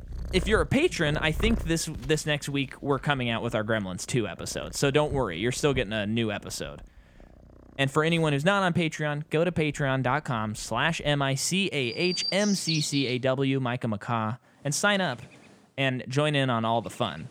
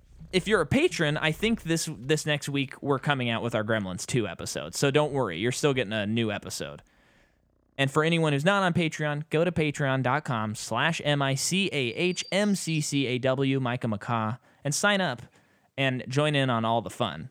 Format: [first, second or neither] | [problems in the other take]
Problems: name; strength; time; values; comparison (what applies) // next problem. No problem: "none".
second | animal sounds; loud; throughout; 9 dB below the speech; faint in the second